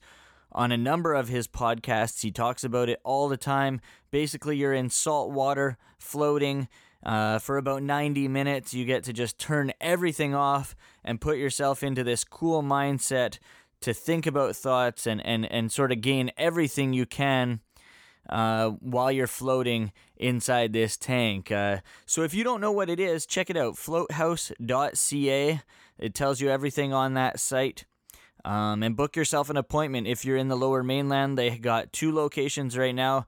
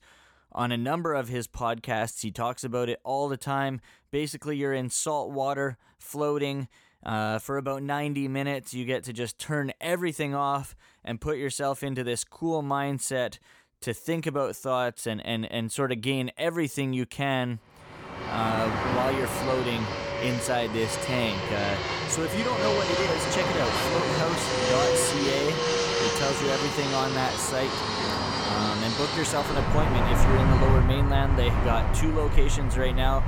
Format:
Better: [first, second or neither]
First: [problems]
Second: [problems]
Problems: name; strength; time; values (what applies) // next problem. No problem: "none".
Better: first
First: none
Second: train or aircraft noise; very loud; from 18 s on; 2 dB above the speech